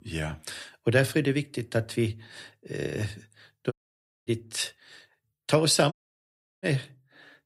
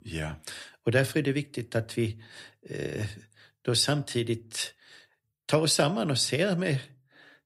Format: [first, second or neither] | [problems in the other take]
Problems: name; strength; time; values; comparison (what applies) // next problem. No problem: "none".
second | audio cutting out; at 3.5 s for 0.5 s and at 6 s for 0.5 s